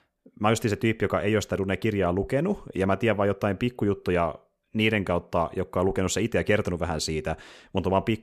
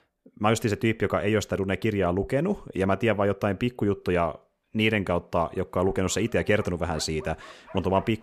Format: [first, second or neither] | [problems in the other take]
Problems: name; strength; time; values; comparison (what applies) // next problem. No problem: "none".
first | animal sounds; faint; throughout; 25 dB below the speech